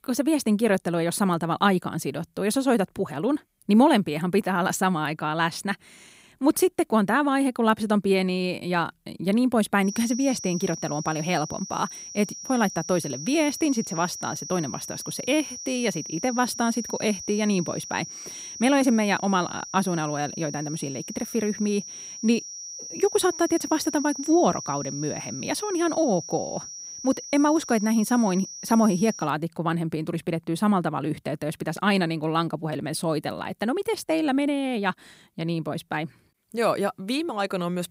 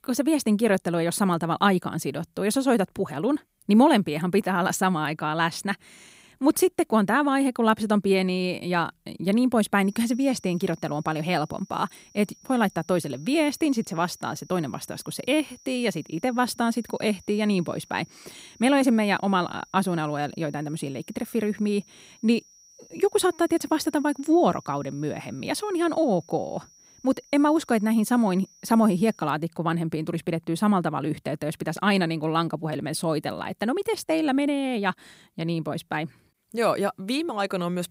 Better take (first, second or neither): second